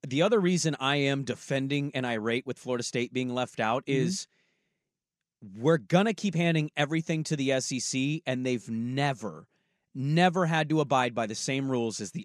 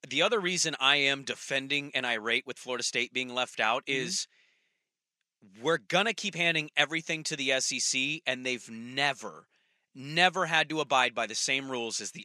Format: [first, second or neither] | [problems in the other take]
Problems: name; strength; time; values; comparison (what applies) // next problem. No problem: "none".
first | thin; somewhat; fading below 900 Hz